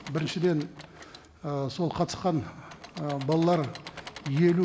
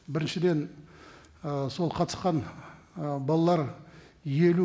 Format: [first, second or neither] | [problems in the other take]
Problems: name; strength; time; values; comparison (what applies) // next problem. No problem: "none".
second | background sound (Engine / Mechanisms); 18 dB below the speech